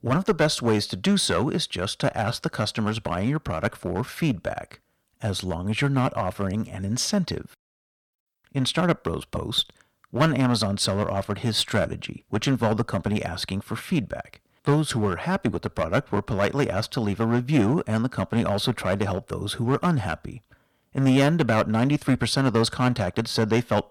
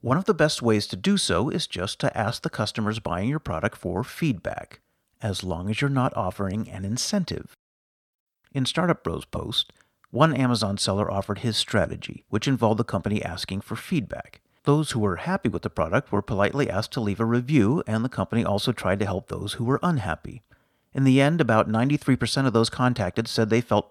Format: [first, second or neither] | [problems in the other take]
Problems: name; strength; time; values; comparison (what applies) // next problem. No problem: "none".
second | distortion; slight; 4% of the sound clipped